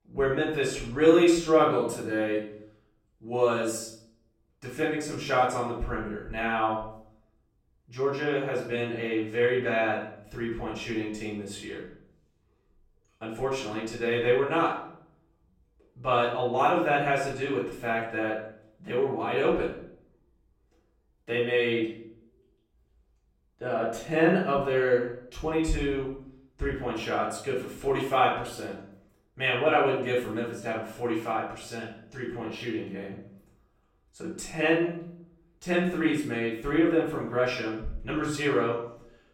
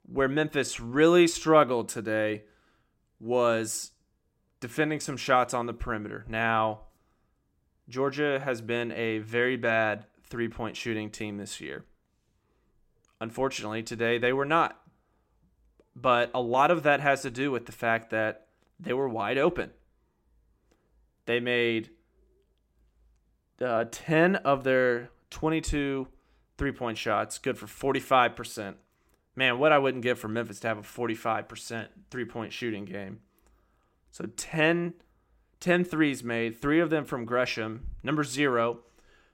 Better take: second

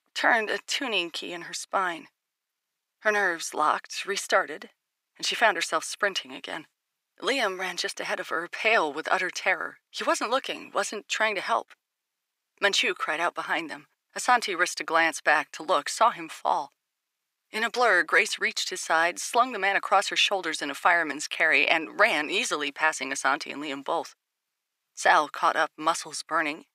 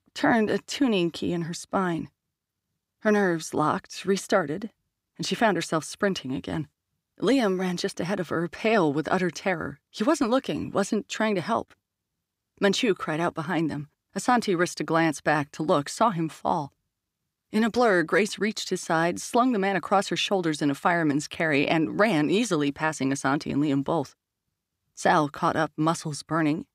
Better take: second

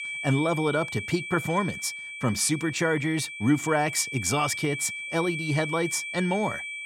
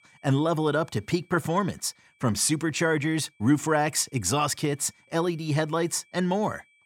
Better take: second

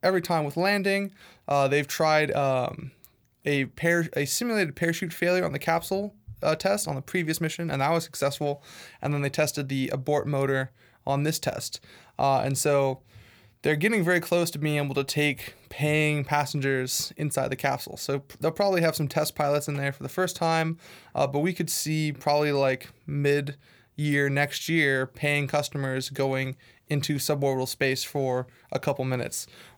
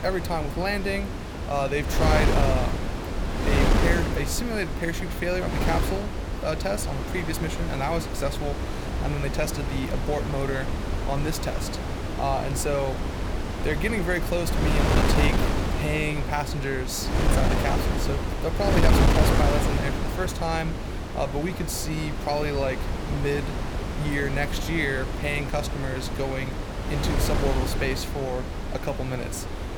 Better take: first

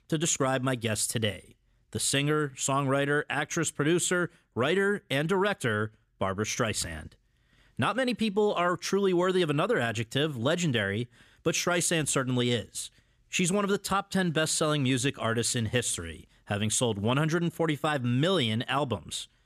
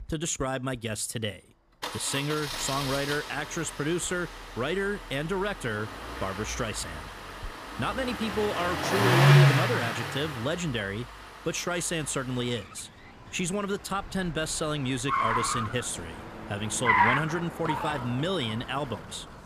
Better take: first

